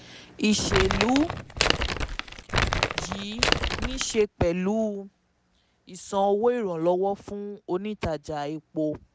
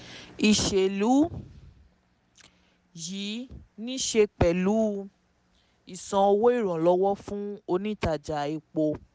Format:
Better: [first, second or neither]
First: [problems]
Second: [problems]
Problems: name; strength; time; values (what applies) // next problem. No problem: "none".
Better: second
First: background sound (Crumpling, crinkling); 1 dB above the speech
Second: none